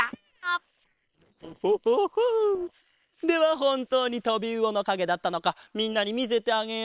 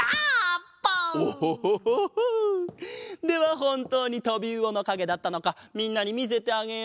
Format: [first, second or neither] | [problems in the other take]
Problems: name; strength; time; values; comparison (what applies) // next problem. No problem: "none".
second | noise reduction (neural separator model SepFormer WHAM!)